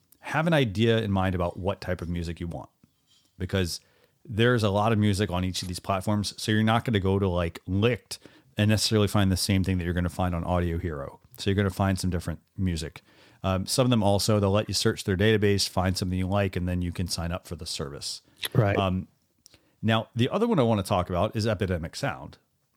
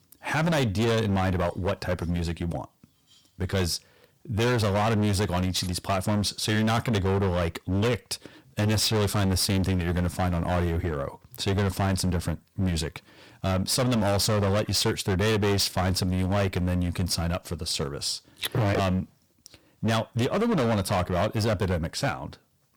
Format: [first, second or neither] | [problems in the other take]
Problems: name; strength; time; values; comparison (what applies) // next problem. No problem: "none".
first | distortion; heavy; 19% of the sound clipped